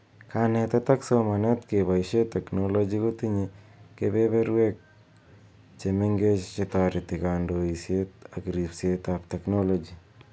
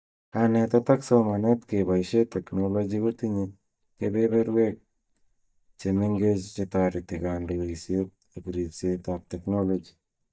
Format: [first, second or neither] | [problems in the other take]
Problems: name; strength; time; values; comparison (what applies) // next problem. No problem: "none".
first | noise reduction (neural mask model DeepFilterNet 3)